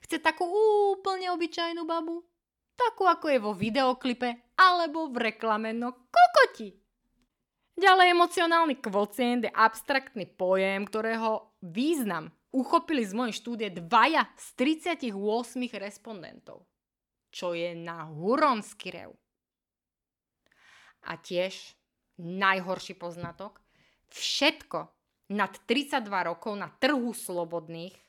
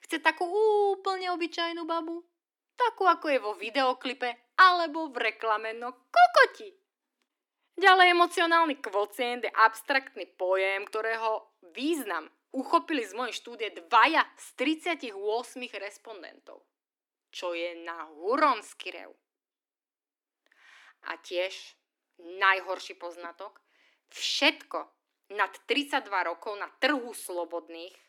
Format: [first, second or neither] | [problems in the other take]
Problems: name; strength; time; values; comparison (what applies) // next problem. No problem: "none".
first | thin; very slightly; fading below 300 Hz